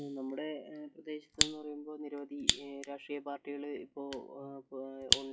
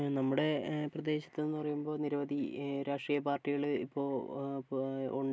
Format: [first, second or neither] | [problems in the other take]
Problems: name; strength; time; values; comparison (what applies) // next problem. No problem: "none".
second | noise reduction (classical method log-MMSE)